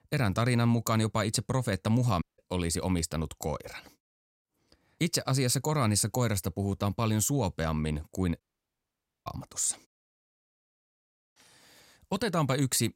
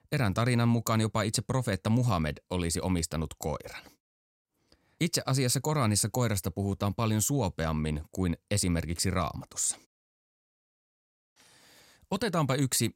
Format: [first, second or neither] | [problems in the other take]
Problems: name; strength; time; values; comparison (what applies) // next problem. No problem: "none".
second | audio cutting out; at 2 s and at 8.5 s for 1 s